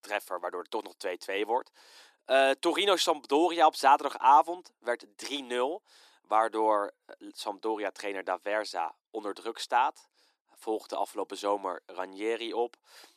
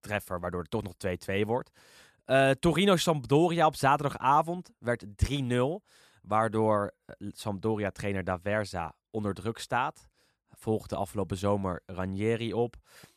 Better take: second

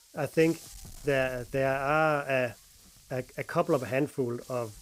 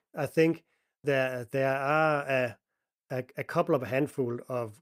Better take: second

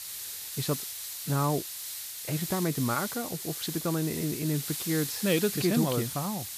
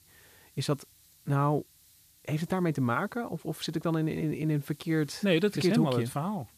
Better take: second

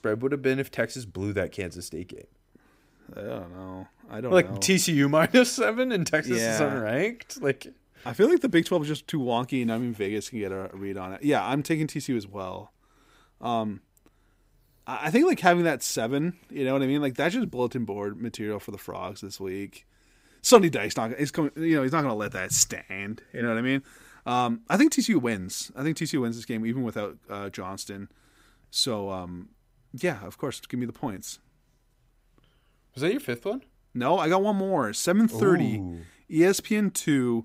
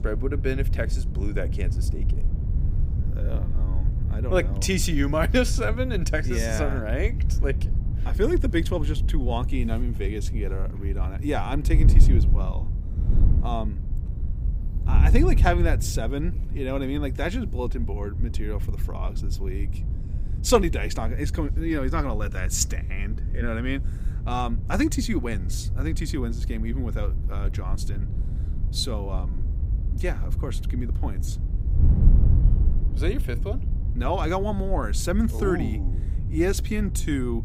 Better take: first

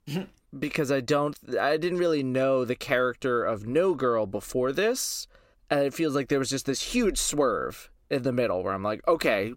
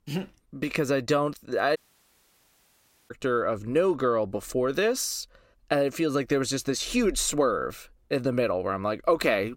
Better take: first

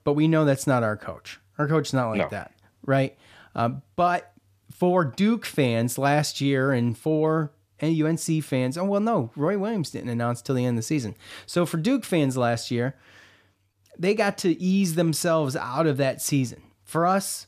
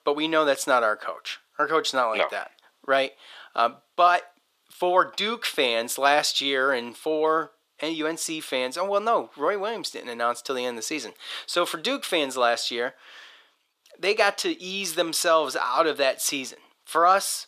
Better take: first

